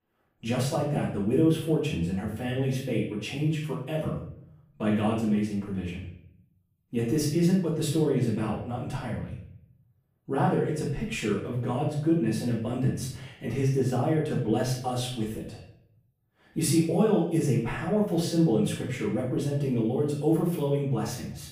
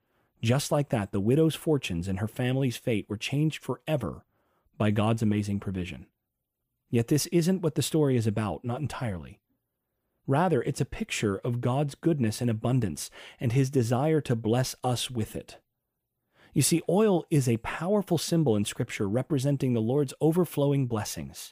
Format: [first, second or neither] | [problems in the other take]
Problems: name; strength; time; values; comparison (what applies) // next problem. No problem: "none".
second | room echo; noticeable; dies away in 0.6 s // off-mic speech; far